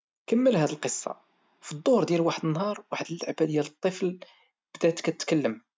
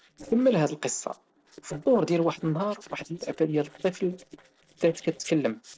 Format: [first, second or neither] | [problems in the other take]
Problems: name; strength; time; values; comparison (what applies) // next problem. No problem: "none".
first | noise reduction (neural separator model SepFormer DNS4)